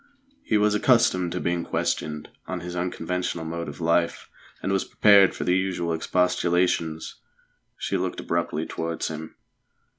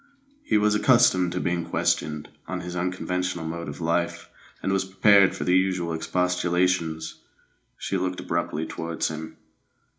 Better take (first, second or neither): first